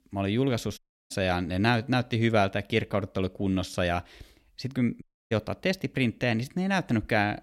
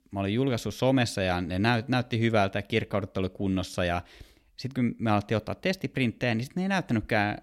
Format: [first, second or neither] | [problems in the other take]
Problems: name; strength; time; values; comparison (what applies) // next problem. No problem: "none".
second | audio cutting out; at 1 s and at 5 s